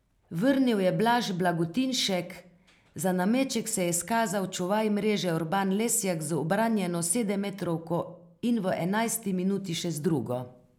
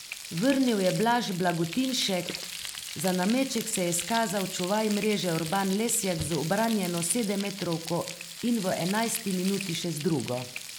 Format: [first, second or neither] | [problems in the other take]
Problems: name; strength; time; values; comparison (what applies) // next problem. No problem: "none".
first | background sound (Frying (food)); 10 dB below the speech